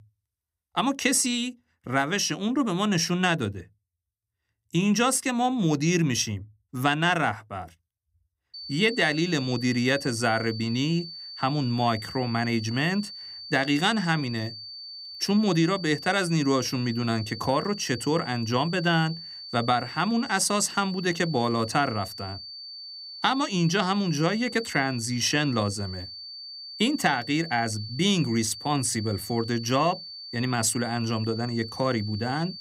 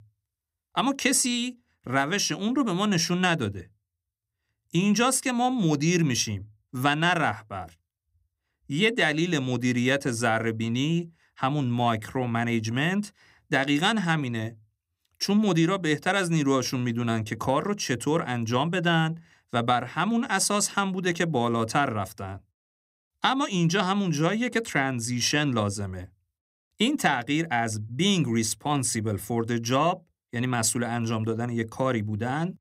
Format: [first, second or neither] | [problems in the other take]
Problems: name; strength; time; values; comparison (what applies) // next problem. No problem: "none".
second | high-pitched whine; noticeable; from 8.5 s on; 4.5 kHz, 10 dB below the speech